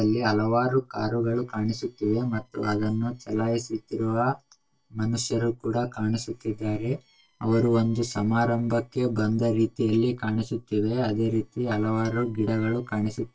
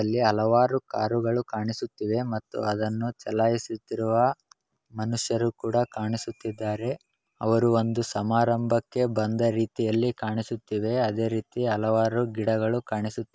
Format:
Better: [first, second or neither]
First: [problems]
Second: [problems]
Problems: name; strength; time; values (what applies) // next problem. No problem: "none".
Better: second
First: noise reduction (neural separator model SepFormer DNS4)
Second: none